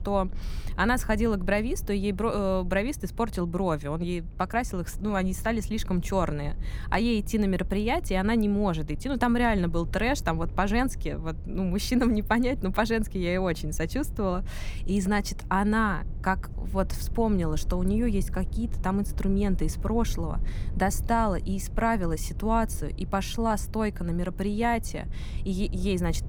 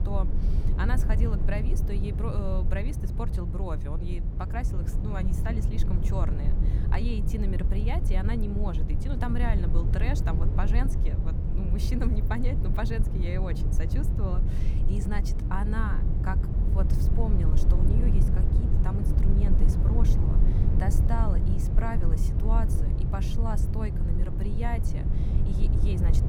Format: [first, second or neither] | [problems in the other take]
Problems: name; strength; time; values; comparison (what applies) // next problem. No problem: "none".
first | low rumble; loud; throughout; 3 dB below the speech; faint in the first